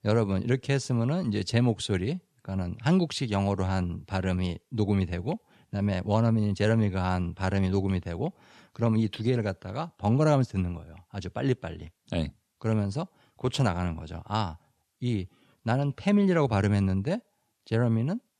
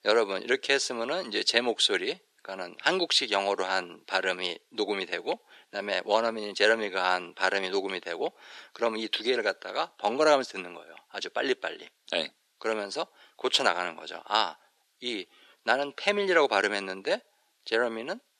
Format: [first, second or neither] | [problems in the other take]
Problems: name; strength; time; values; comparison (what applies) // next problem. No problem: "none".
first | thin; very; fading below 350 Hz